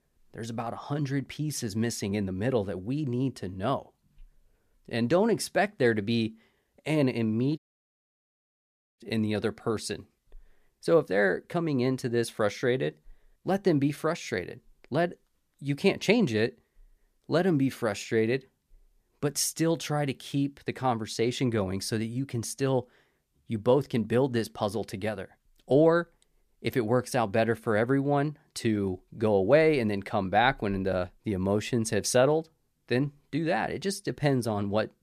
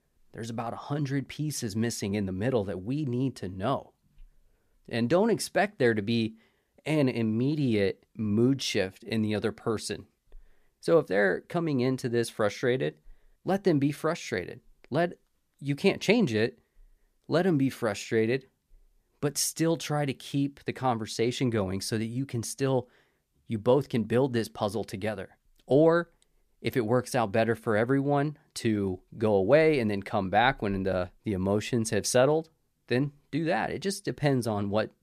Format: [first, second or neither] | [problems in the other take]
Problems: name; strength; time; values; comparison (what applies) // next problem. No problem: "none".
second | audio cutting out; at 7.5 s for 1.5 s